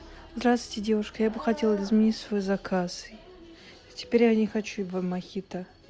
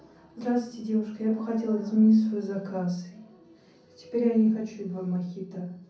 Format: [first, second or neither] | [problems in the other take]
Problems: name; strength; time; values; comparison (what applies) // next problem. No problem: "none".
first | room echo; dies away in 0.6 s